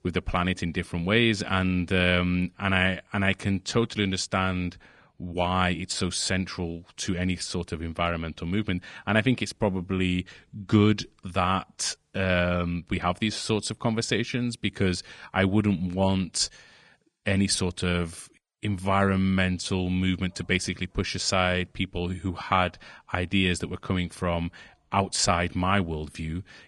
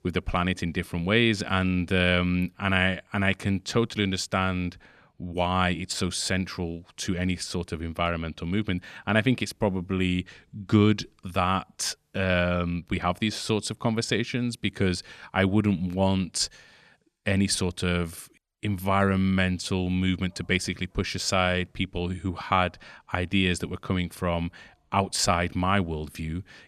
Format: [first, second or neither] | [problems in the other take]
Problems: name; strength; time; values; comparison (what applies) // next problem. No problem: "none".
second | garbled, watery; slightly